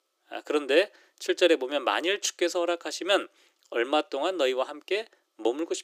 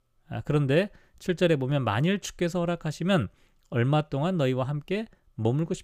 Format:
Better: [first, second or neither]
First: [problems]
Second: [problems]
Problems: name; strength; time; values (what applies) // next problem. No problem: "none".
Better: second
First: thin; very; fading below 300 Hz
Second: none